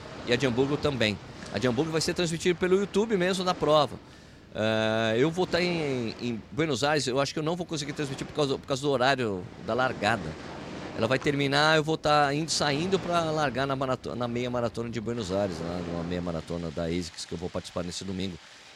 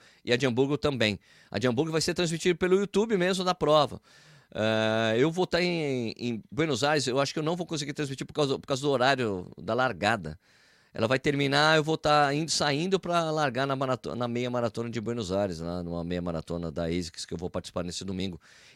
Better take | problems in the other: second | rain or running water; noticeable; throughout; 15 dB below the speech

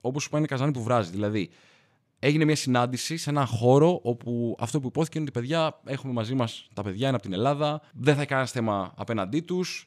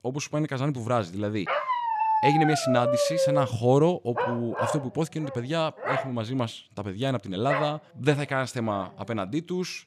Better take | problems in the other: first | dog barking; loud; from 1.5 to 9 s; peak 5 dB above the speech

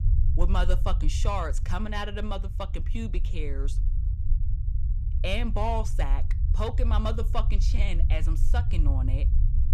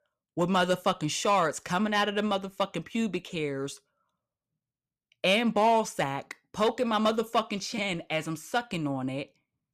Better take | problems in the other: second | low rumble; noticeable; throughout; 15 dB below the speech

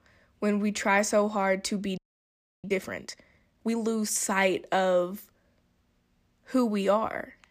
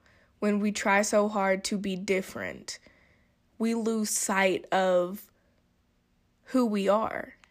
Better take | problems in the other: second | audio freezing; at 2 s for 0.5 s

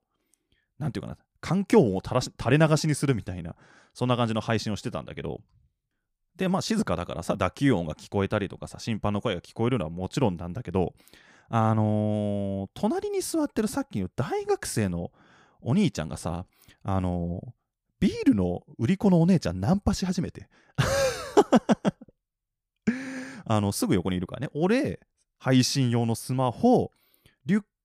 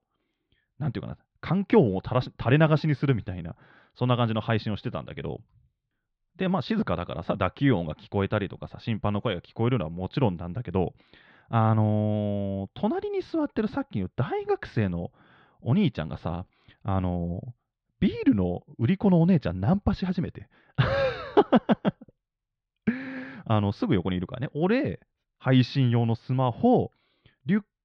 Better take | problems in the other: first | muffled; slightly; fading above 4 kHz

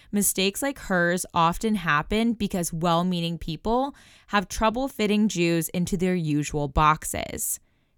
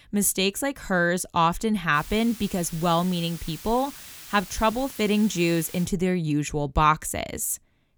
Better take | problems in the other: first | hiss; noticeable; from 2 to 6 s; 15 dB below the speech

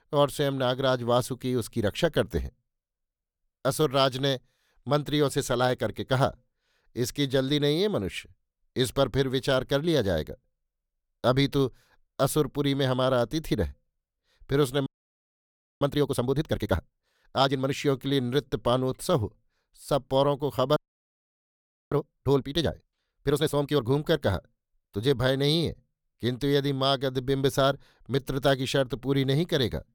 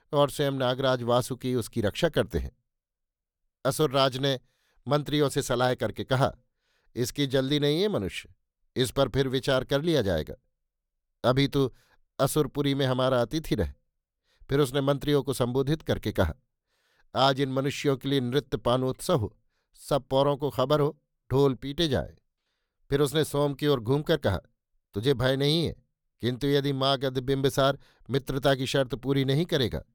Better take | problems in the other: second | audio freezing; at 15 s for 1 s and at 21 s for 1 s

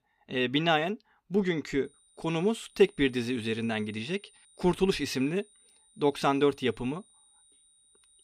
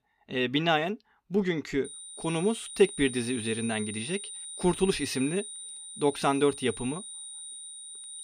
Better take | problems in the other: first | high-pitched whine; loud; from 2 s on; 9 kHz, 10 dB below the speech; faint in the first

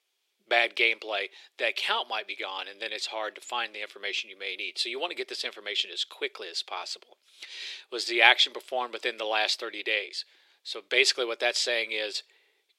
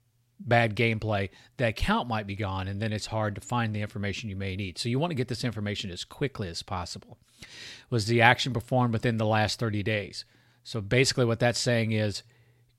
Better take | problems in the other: second | thin; very; fading below 350 Hz

